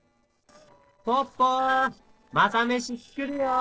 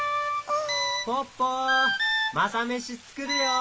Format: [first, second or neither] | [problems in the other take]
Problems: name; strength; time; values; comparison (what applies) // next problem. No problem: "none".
second | noise reduction (neural separator model SepFormer DNS4)